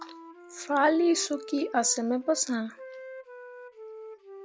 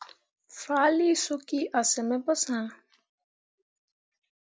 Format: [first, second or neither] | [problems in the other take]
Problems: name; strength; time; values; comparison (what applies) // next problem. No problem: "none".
second | background sound (Wind instrument, woodwind instrument); 15 dB below the speech